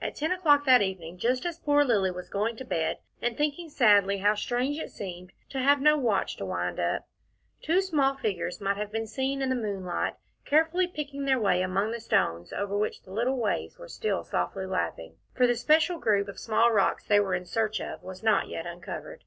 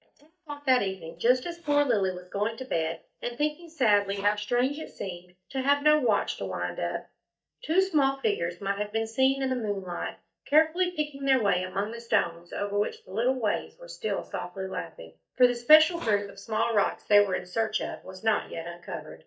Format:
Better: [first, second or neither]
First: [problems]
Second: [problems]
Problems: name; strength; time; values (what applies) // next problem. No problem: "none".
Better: first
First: none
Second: noise reduction (neural mask model DeepFilterNet 3)